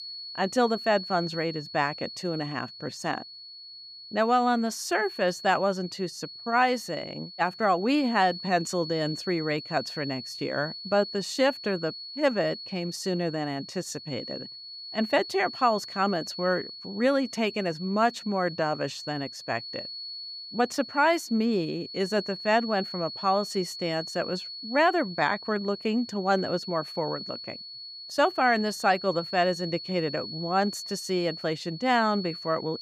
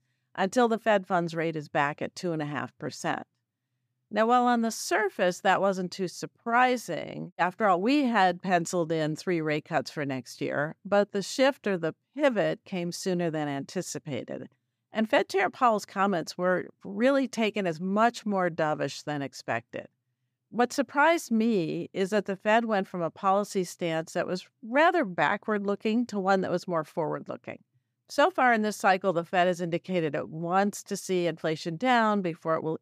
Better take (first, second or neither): second